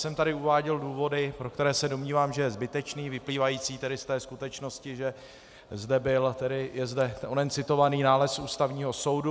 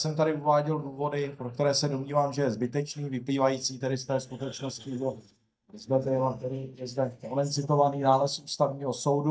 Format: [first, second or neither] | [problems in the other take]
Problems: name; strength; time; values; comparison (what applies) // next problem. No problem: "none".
first | noise reduction (neural mask model DeepFilterNet 3)